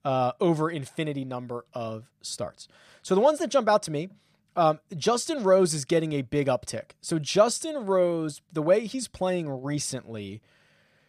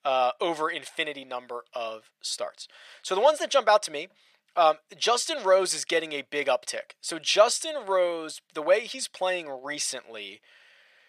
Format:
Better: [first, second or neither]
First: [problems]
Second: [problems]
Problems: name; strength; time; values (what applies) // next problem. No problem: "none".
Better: first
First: none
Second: thin; very; fading below 650 Hz